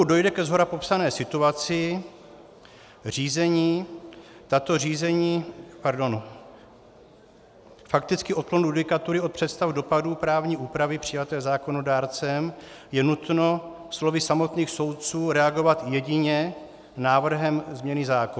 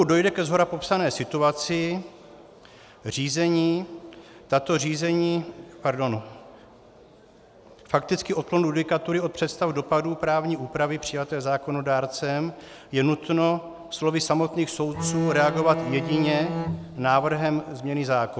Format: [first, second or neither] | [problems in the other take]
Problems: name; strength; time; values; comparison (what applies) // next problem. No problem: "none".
first | background sound (Bowed string instrument); 6 dB below the speech